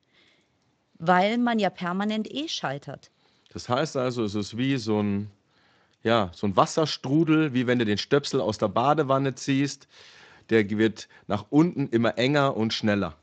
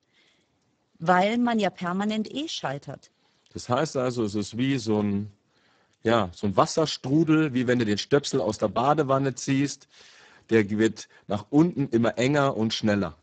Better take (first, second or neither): first